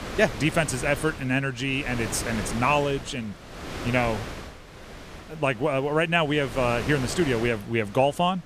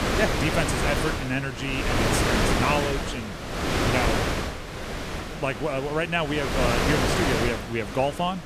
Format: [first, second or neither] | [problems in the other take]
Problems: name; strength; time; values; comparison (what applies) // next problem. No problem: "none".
first | wind noise on the microphone; heavy; 1 dB above the speech; occasional gusts in the first